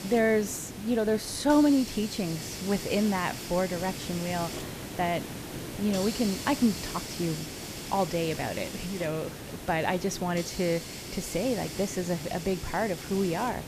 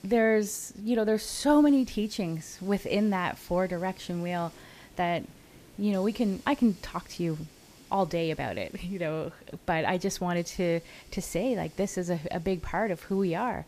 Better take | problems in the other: second | hiss; loud; throughout; 8 dB below the speech; faint in the second

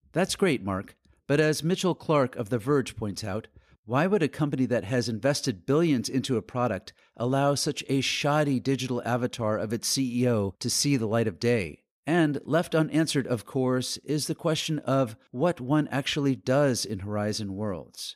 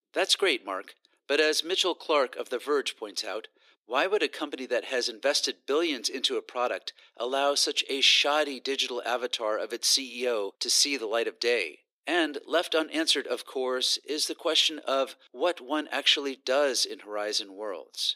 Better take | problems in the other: first | thin; somewhat; fading below 350 Hz

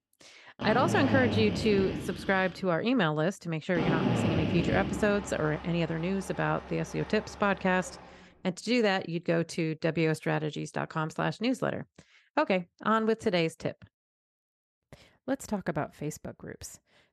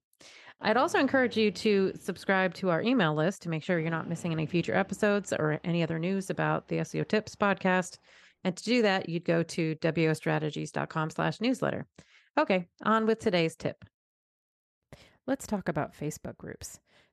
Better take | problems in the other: second | machinery noise; loud; until 9 s; 4 dB below the speech; faint in the second

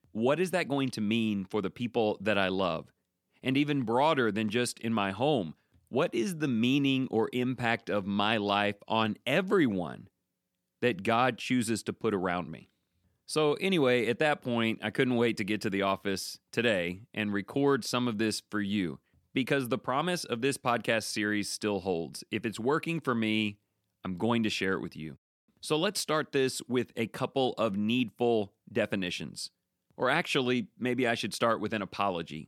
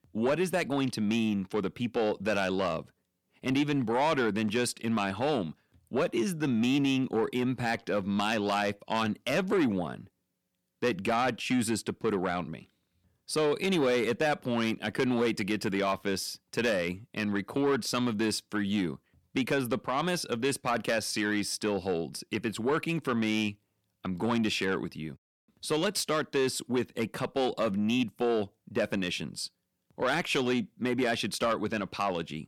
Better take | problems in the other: first | distortion; slight; 10 dB below the speech

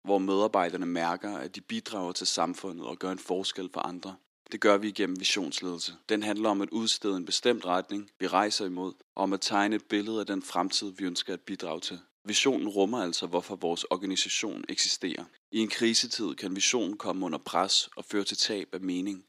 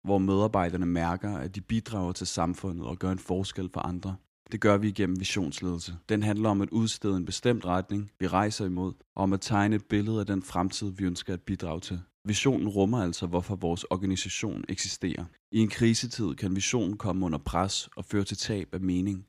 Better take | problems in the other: second | thin; very slightly; fading below 300 Hz

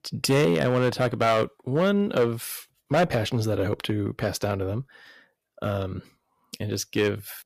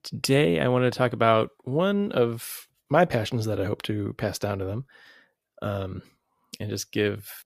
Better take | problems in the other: second | distortion; slight; 3% of the sound clipped

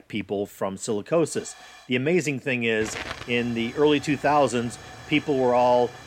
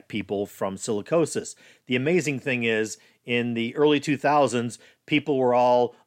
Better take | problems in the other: second | hiss; noticeable; until 2 s and from 3 s on; 15 dB below the speech

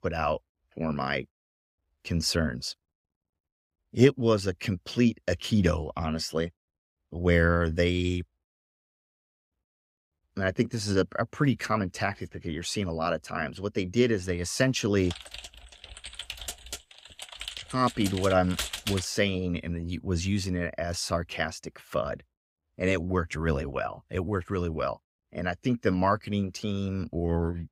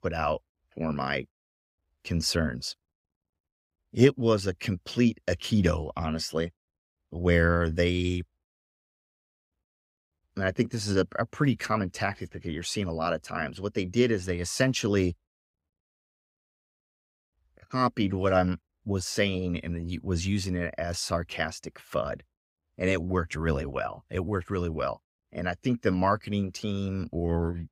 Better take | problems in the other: second | keyboard typing; noticeable; from 15 to 19 s; peak 3 dB below the speech

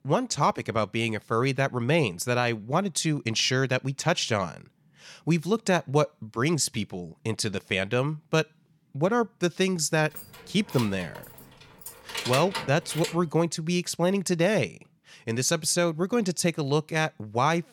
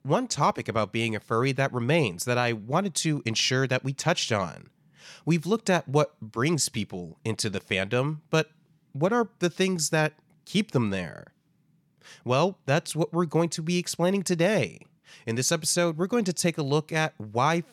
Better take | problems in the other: second | jangling keys; noticeable; from 10 to 13 s; peak 4 dB below the speech

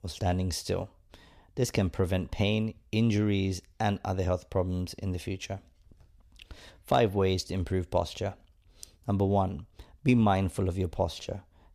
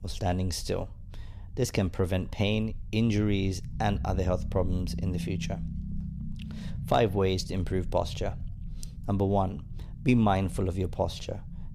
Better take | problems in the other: first | low rumble; noticeable; throughout; 20 dB below the speech

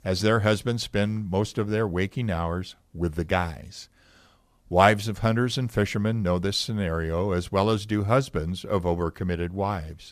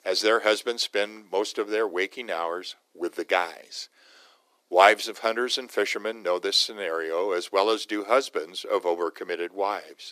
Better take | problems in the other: first | thin; very; fading below 300 Hz

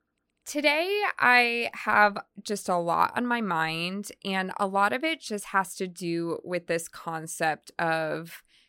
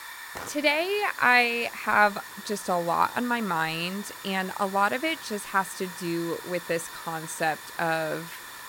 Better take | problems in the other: first | hiss; noticeable; throughout; 15 dB below the speech

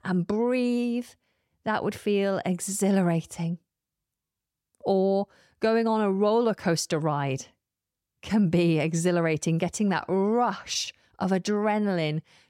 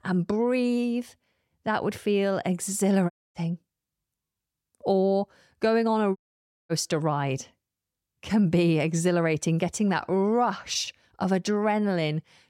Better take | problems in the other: first | audio cutting out; at 3 s and at 6 s for 0.5 s

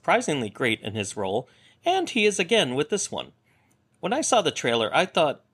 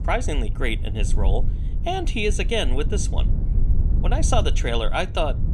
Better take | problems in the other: first | low rumble; noticeable; throughout; 15 dB below the speech

